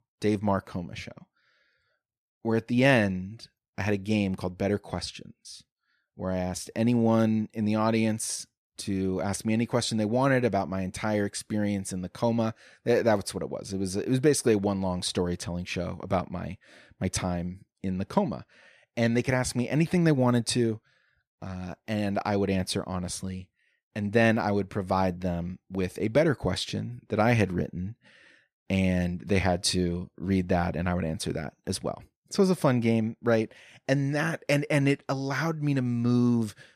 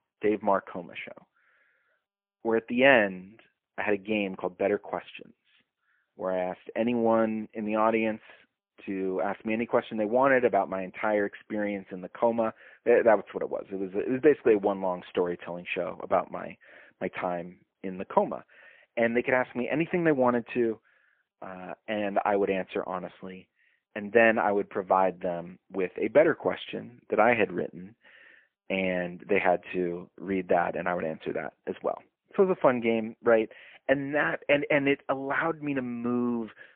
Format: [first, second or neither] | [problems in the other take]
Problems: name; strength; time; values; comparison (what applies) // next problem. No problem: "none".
first | phone-call audio; poor line